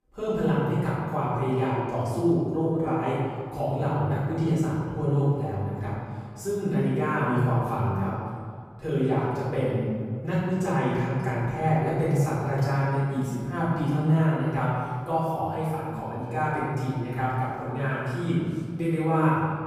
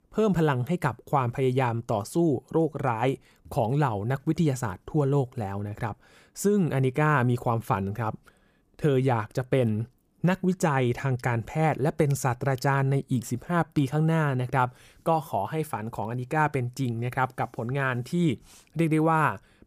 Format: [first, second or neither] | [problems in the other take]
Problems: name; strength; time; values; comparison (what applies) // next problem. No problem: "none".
second | off-mic speech; far // room echo; strong; dies away in 1.8 s